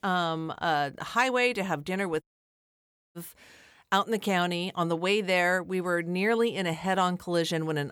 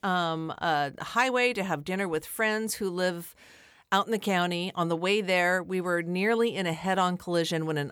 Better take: second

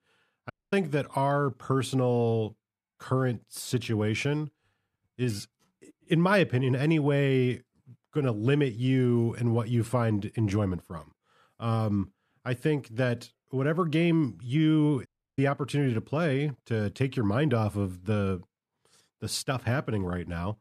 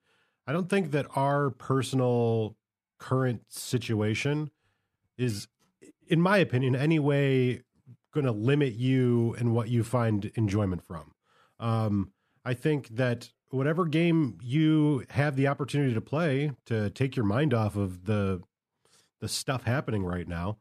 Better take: second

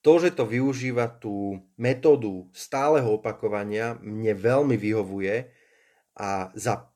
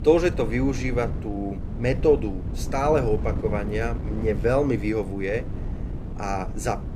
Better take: first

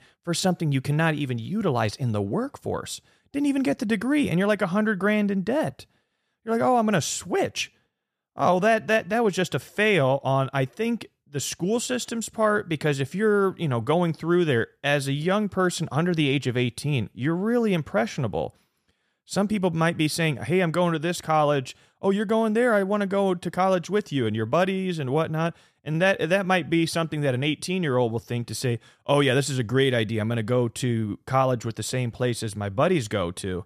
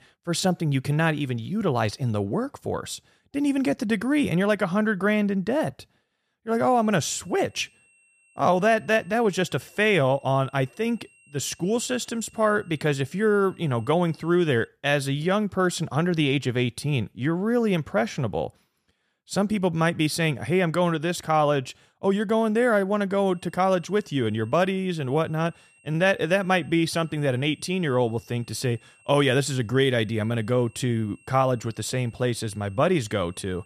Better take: first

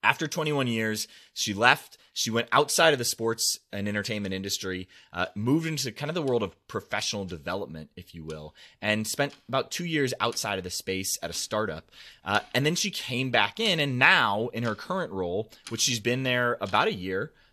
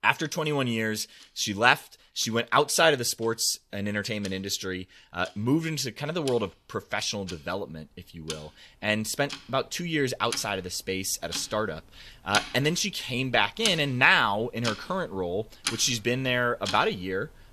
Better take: first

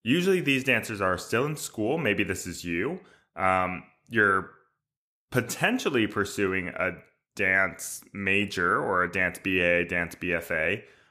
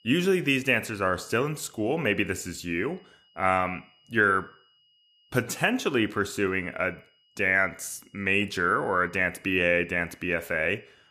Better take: first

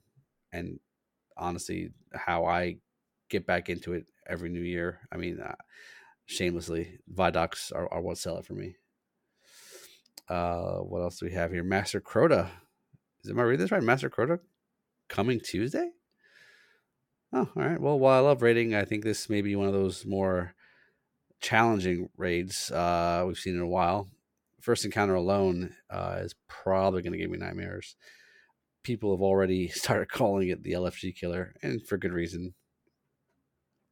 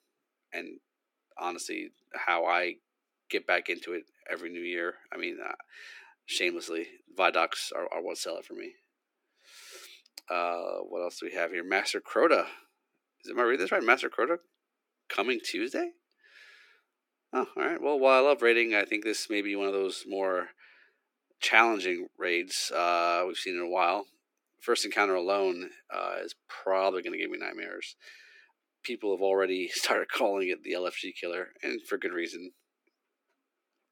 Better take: first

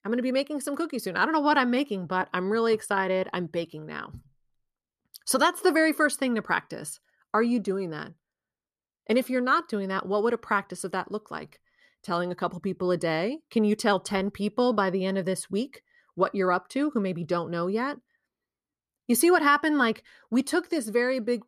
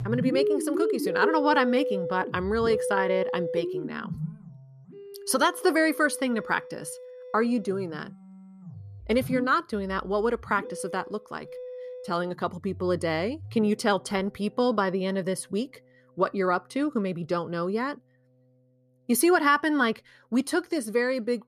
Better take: first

